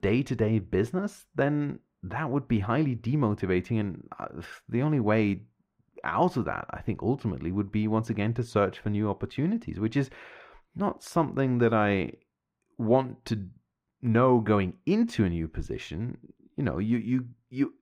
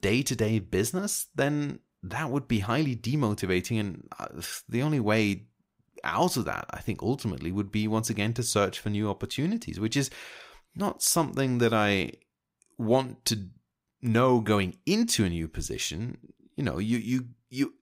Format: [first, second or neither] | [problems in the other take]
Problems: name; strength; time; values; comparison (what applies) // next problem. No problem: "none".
second | muffled; very; fading above 3.5 kHz